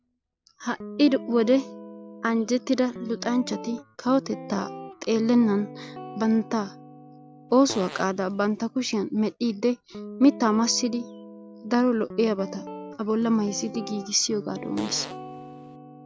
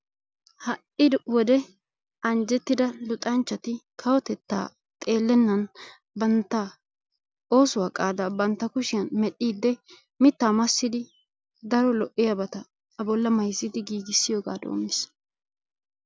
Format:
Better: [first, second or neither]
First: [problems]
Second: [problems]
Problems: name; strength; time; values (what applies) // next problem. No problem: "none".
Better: second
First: background sound (Fart + Guitar); 15 dB below the speech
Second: none